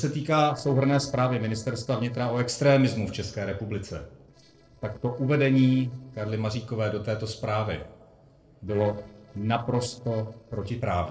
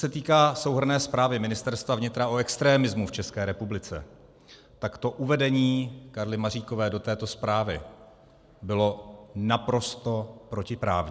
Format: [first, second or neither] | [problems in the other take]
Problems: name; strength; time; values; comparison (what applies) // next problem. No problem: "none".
second | noise reduction (neural separator model SepFormer DNS4)